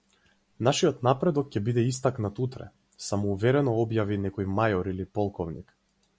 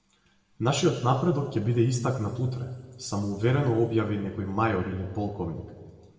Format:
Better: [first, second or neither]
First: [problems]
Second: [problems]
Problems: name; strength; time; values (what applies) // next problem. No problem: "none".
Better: first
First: none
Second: room echo; dies away in 1.6 s